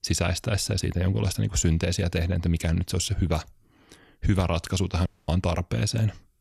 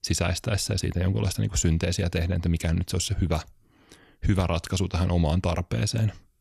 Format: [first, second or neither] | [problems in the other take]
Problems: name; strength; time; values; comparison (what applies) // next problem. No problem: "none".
second | audio cutting out; at 5 s